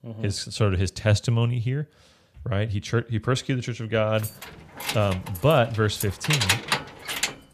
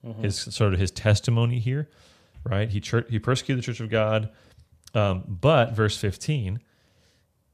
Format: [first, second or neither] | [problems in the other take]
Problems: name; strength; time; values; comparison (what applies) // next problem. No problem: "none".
second | jangling keys; loud; from 4 s on; peak 3 dB above the speech